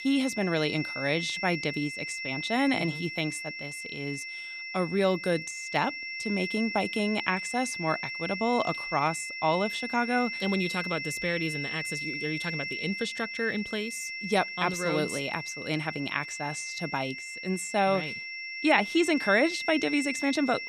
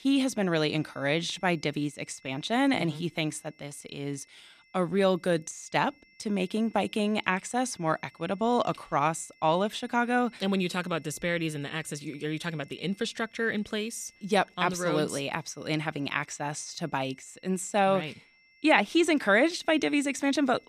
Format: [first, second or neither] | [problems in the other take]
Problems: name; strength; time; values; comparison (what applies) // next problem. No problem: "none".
second | high-pitched whine; loud; throughout; 2 kHz, 5 dB below the speech; faint in the second